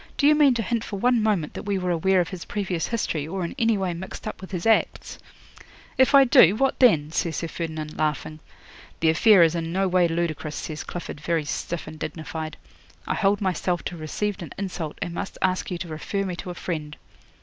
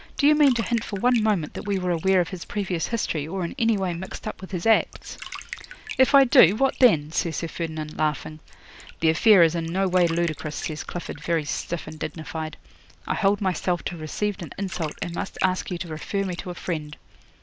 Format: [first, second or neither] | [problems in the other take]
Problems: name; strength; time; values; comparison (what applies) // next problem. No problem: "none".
first | background sound (Dishes, pots, and pans / Glass + Bathtub (filling or washing)); 19 dB below the speech